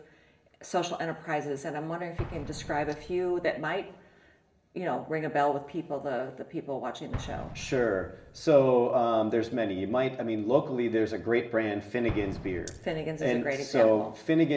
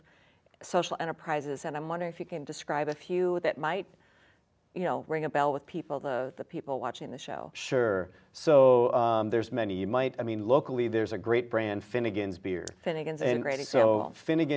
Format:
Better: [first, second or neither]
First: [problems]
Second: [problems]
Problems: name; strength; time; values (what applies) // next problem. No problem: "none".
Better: second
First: background sound (Explosion); 17 dB below the speech // room echo; dies away in 0.9 s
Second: none